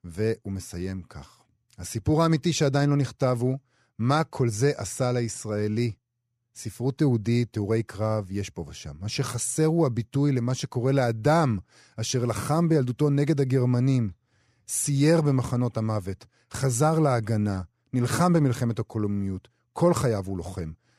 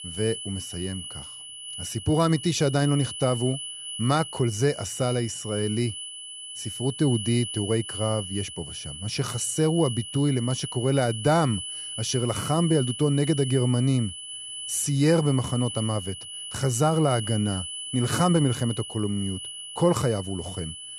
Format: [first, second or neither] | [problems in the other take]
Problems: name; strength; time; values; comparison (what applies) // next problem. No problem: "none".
first | high-pitched whine; loud; throughout; 3 kHz, 9 dB below the speech